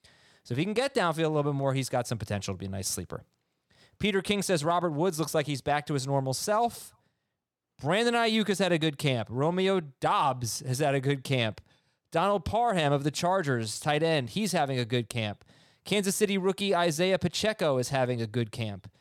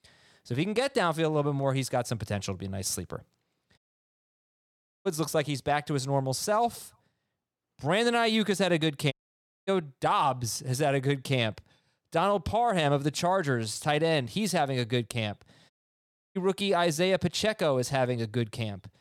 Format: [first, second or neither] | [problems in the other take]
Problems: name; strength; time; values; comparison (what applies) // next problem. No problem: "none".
first | audio cutting out; at 4 s for 1.5 s, at 9 s for 0.5 s and at 16 s for 0.5 s